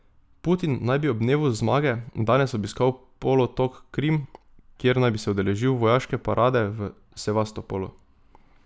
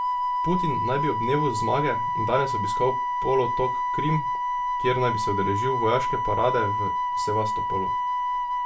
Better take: first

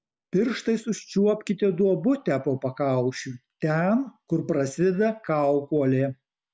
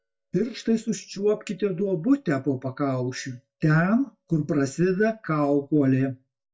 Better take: first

